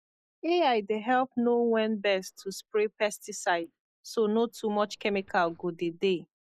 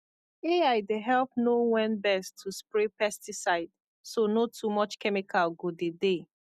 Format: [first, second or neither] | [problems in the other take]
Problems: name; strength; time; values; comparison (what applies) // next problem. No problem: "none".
second | noise reduction (neural mask model Resemble Enhance denoiser)